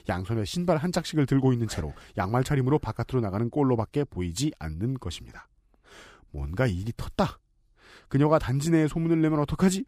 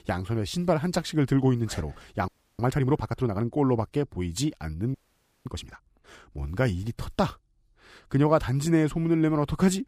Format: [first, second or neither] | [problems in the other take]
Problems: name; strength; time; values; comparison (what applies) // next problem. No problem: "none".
first | audio freezing; at 2.5 s and at 5 s for 0.5 s